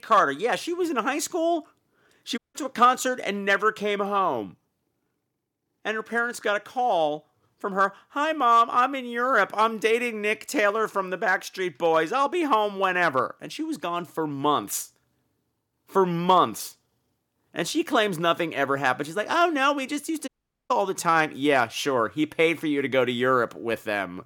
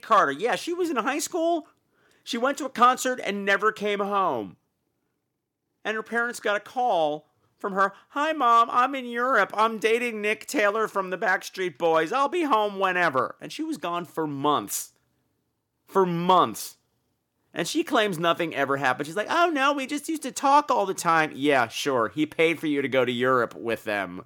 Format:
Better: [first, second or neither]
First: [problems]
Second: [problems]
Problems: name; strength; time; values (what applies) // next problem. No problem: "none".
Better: second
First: audio cutting out; at 2.5 s and at 20 s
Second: none